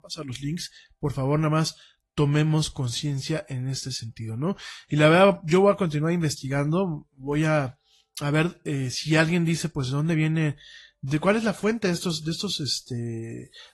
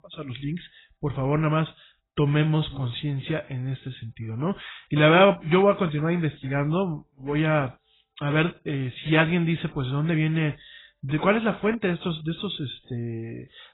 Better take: first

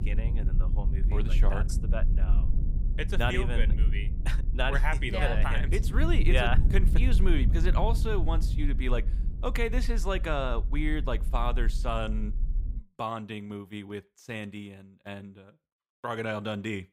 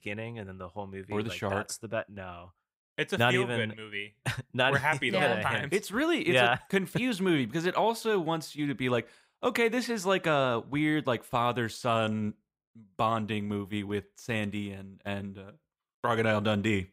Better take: second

